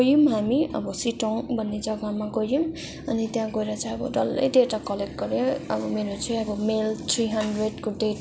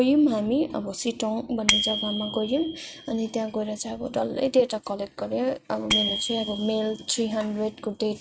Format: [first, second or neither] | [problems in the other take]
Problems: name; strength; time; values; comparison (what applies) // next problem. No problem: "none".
first | noise reduction (neural mask model RNNoise)